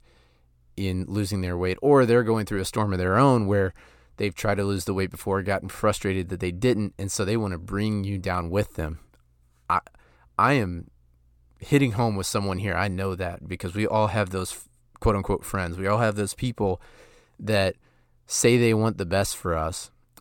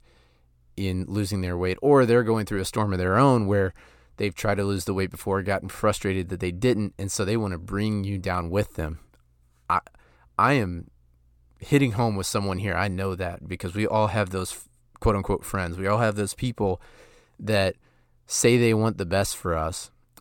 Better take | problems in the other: neither | none

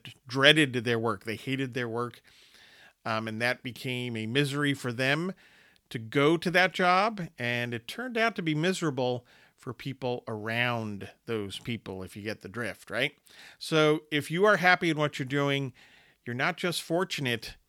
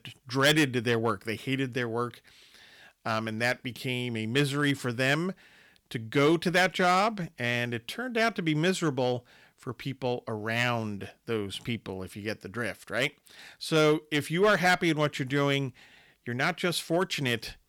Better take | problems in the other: first | distortion; slight; 2% of the sound clipped

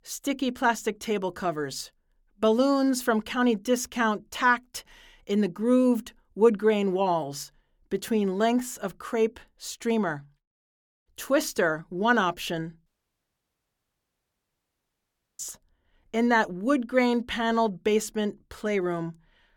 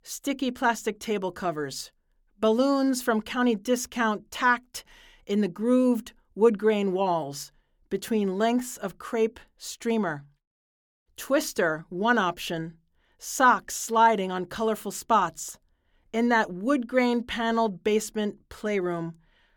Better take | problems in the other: second | audio cutting out; at 13 s for 2.5 s

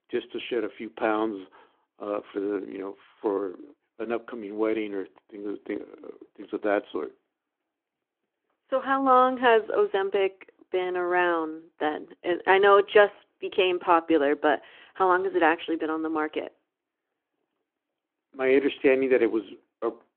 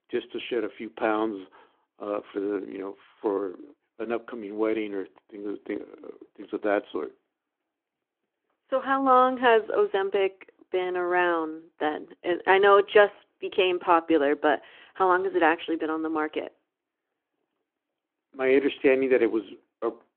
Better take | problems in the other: neither | phone-call audio; the same in both

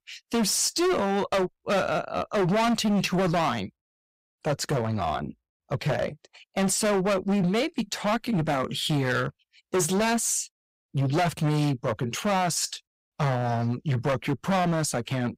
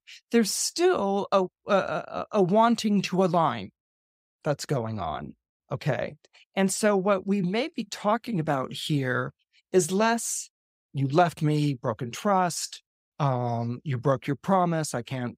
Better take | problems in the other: second | distortion; heavy; 17% of the sound clipped

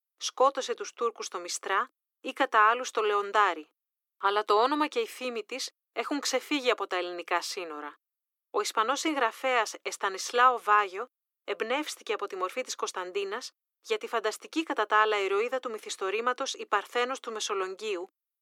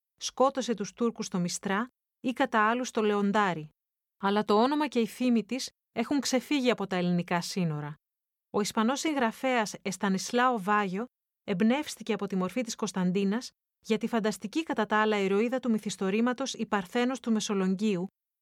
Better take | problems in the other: second | thin; very; fading below 300 Hz

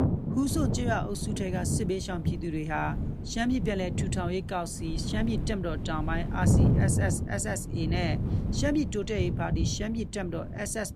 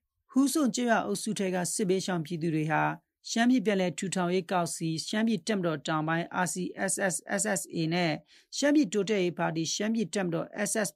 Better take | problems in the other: second | wind noise on the microphone; heavy; 7 dB below the speech

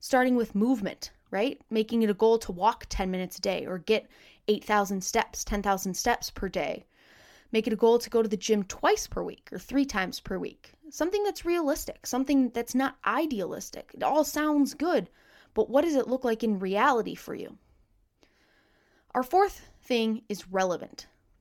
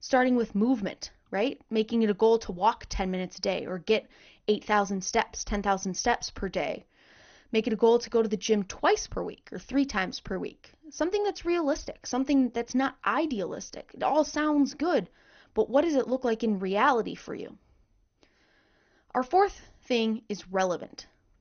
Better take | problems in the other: first | garbled, watery; slightly; nothing above 6.5 kHz

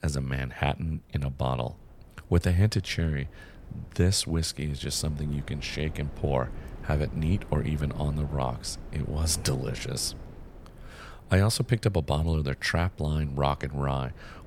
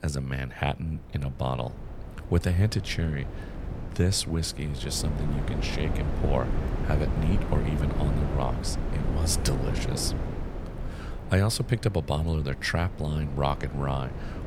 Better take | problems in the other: first | wind noise on the microphone; heavy; 8 dB below the speech; occasional gusts in the first

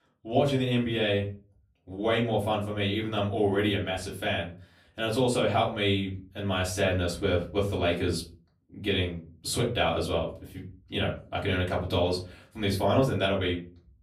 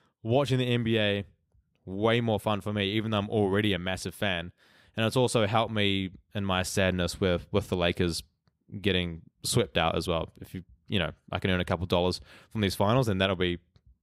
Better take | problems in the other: second | off-mic speech; far // room echo; very slight; dies away in 0.3 s

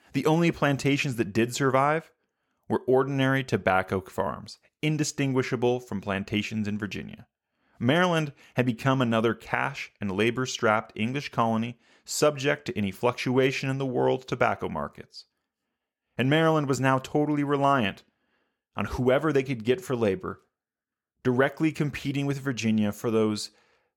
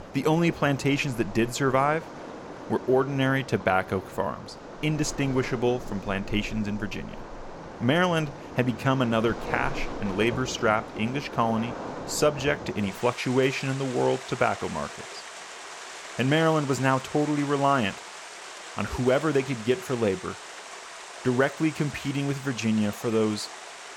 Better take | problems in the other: first | rain or running water; noticeable; throughout; 15 dB below the speech

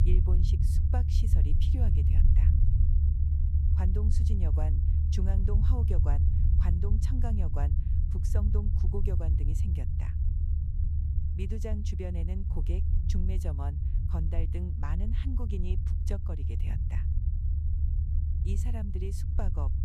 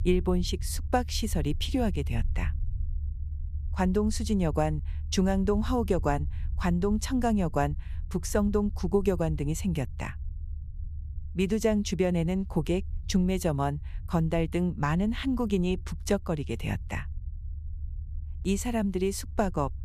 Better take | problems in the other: second | low rumble; loud; throughout; 1 dB below the speech; faint in the second

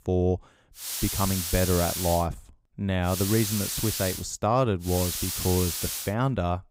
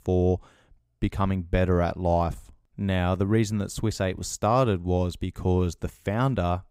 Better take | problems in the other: second | hiss; loud; from 1 to 2 s, from 3 to 4 s and from 5 to 6 s; 3 dB below the speech

